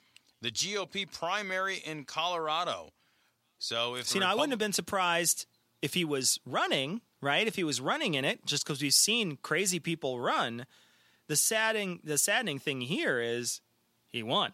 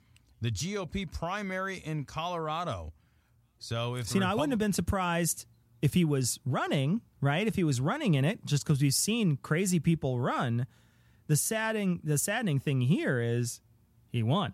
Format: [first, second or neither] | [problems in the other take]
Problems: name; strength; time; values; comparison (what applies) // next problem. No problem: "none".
second | thin; somewhat; fading below 350 Hz